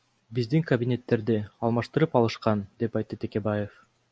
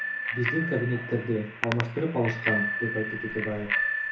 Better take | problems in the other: first | background sound (Bicycle bell); 1 dB below the speech // room echo; dies away in 0.6 s

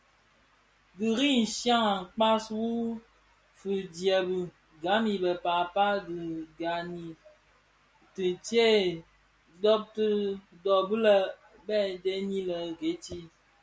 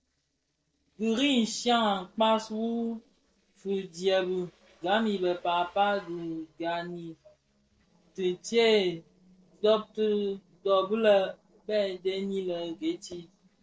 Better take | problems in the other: first | noise reduction (neural separator model SepFormer DNS4)

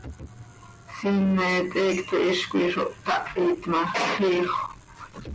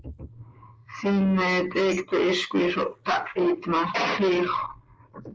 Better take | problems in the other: first | noise reduction (neural mask model Resemble Enhance denoiser)

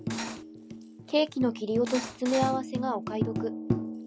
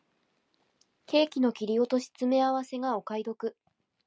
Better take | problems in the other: second | background sound (Cutlery, silverware + Tambourine); 4 dB below the speech

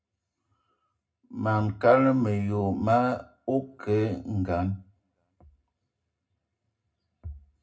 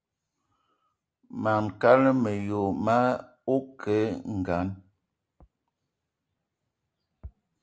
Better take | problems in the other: second | room echo; dies away in 0.2 s

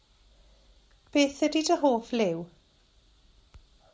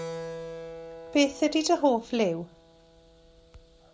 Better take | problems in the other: first | background sound (Keyboard (musical)); 13 dB below the speech

